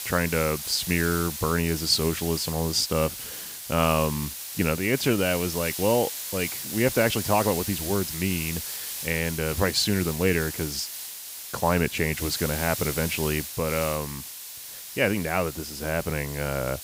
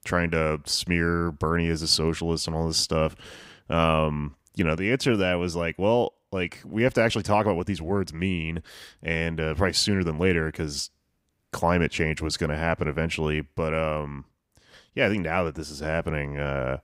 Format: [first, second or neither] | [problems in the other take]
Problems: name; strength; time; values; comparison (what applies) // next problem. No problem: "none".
second | hiss; loud; throughout; 6 dB below the speech